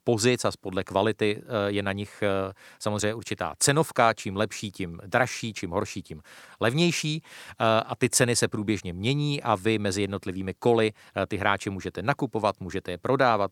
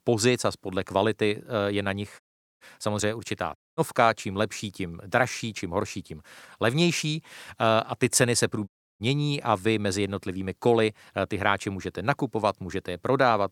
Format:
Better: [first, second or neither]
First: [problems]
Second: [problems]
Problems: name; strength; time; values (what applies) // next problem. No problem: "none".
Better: first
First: none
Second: audio cutting out; at 2 s, at 3.5 s and at 8.5 s